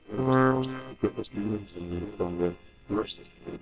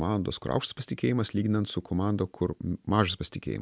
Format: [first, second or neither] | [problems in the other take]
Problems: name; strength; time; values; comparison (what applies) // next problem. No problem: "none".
second | noise reduction (neural separator model SepFormer WHAMR!)